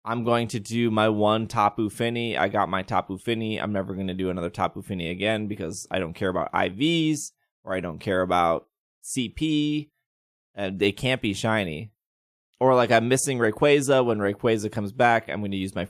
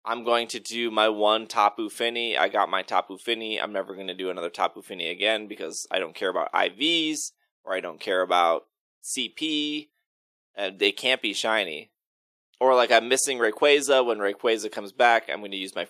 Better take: first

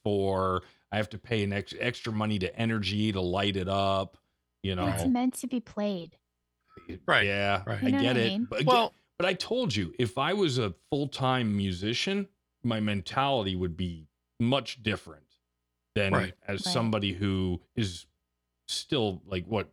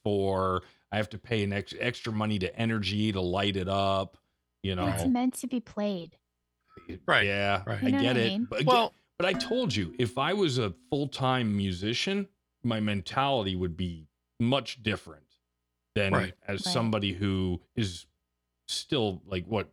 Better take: first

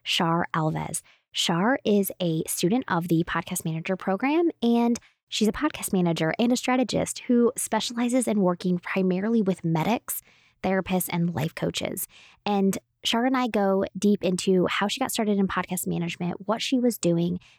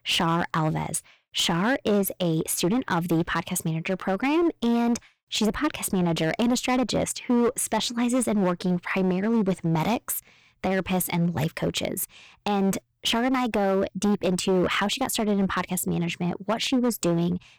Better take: first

